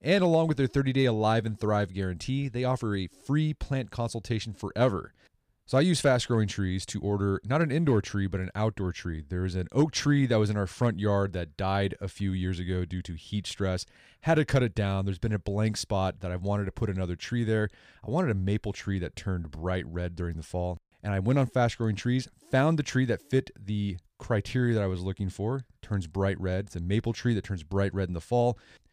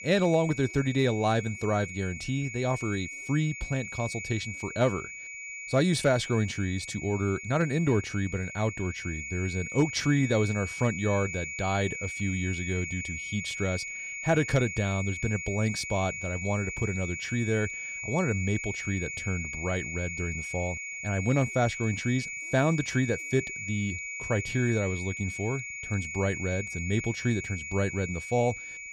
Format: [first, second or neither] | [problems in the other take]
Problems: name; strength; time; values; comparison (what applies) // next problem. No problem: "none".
first | high-pitched whine; loud; throughout; 2.5 kHz, 6 dB below the speech